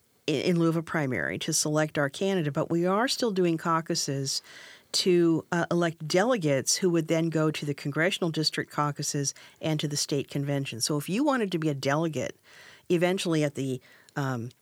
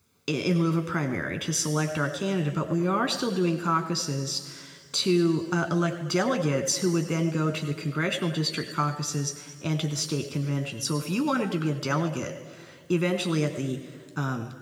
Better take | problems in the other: first | room echo; noticeable; dies away in 1.6 s

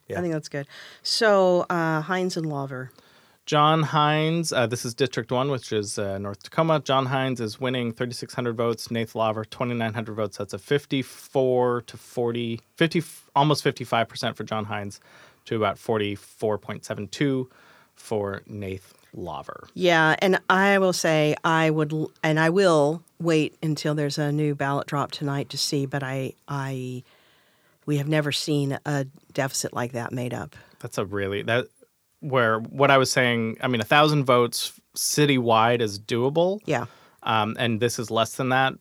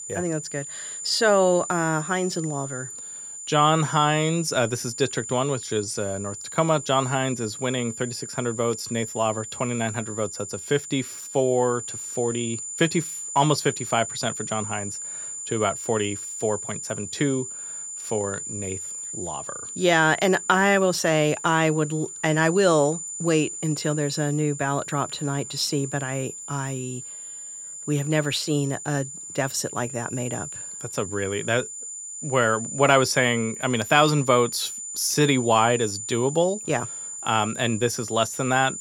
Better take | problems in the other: first | high-pitched whine; loud; throughout; 7 kHz, 8 dB below the speech

